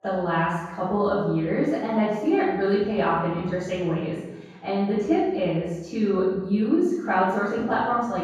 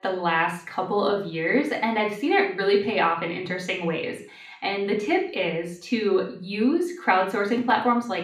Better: second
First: room echo; strong; dies away in 1.3 s // off-mic speech; far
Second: room echo; slight; dies away in 0.5 s // off-mic speech; somewhat distant

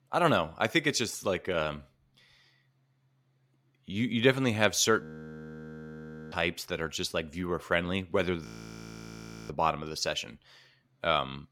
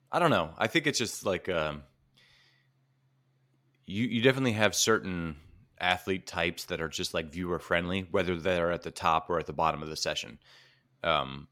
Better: second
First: audio freezing; at 5 s for 1.5 s and at 8.5 s for 1 s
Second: none

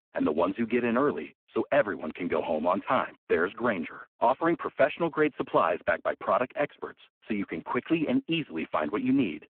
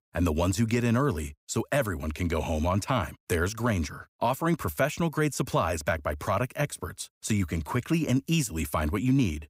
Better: second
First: phone-call audio; poor line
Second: none

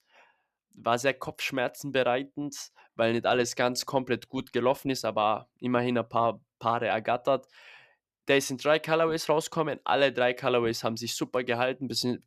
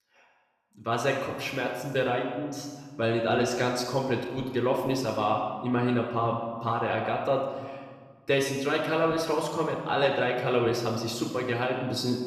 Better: first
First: none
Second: off-mic speech; far // room echo; noticeable; dies away in 1.4 s

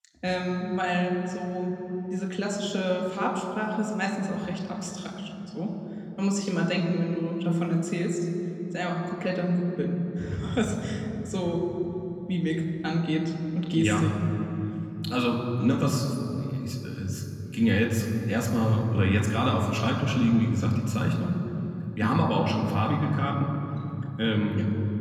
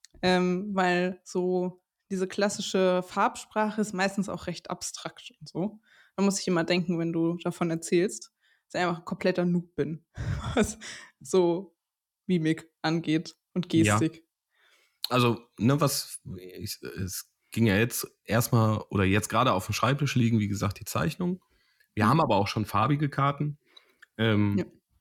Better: second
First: room echo; noticeable; dies away in 3 s // off-mic speech; somewhat distant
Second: none

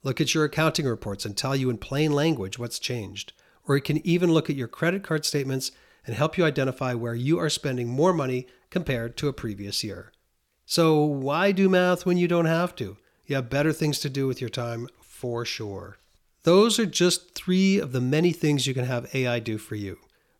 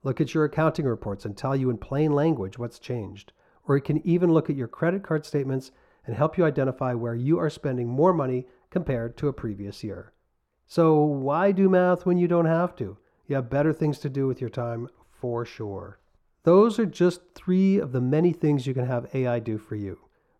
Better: first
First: none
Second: muffled; very; fading above 2 kHz

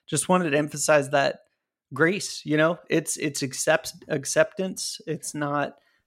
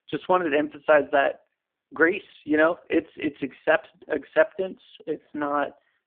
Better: first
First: none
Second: phone-call audio; poor line

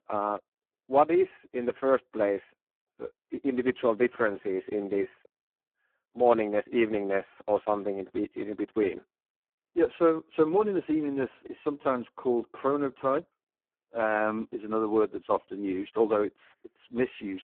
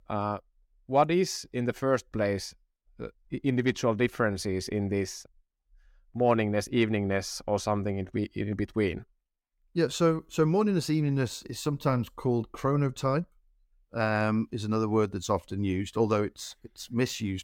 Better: second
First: phone-call audio; poor line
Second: none

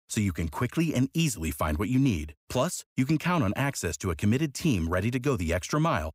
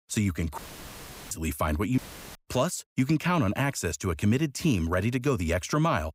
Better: first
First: none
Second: audio cutting out; filled with static; at 0.5 s for 0.5 s and at 2 s

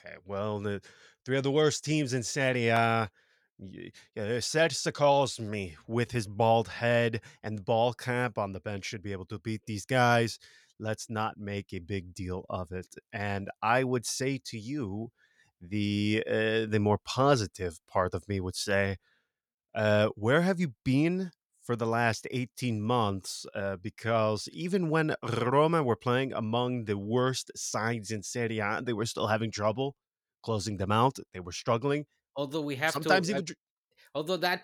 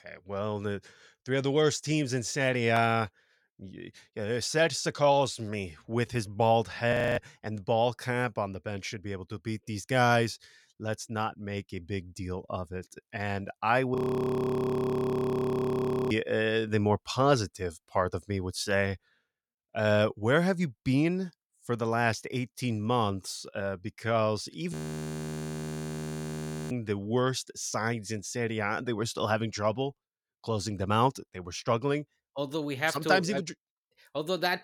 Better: first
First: none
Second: audio freezing; at 7 s, at 14 s for 2 s and at 25 s for 2 s

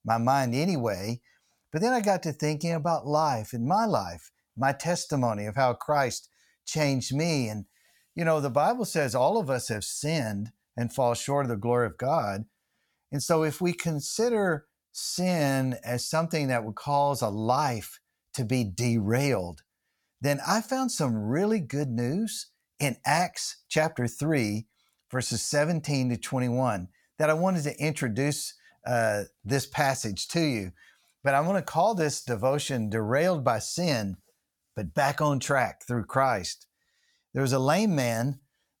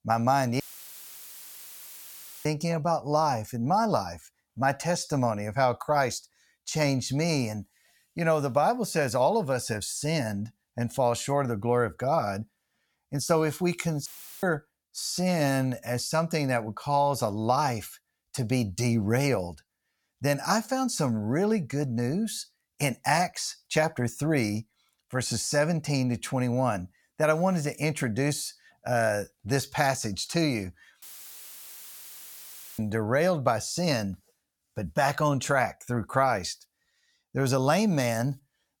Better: first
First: none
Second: audio cutting out; filled with static; at 0.5 s for 2 s, at 14 s and at 31 s for 2 s

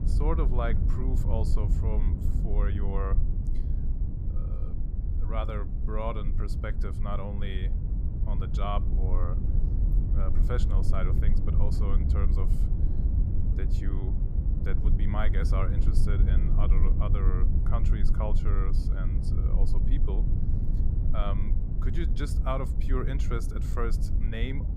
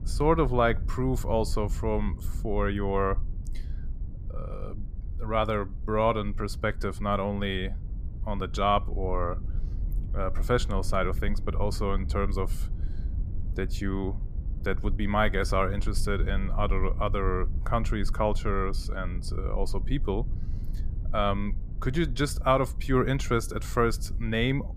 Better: second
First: low rumble; loud; throughout; 6 dB below the speech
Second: low rumble; faint; throughout; 20 dB below the speech

